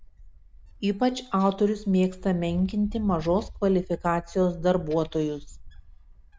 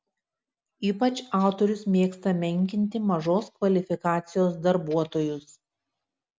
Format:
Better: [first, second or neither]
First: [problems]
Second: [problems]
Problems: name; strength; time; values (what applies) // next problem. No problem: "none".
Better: second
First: background sound (Wind); 16 dB below the speech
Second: none